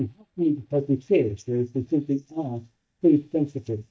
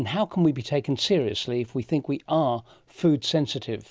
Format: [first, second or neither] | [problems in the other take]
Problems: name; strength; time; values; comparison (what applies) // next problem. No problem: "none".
second | noise reduction (neural mask model DeepFilterNet 3)